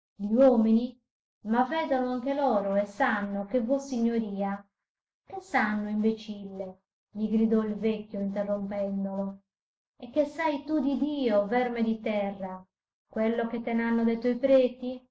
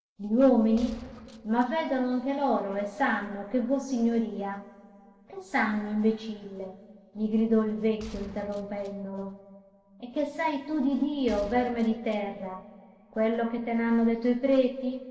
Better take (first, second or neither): first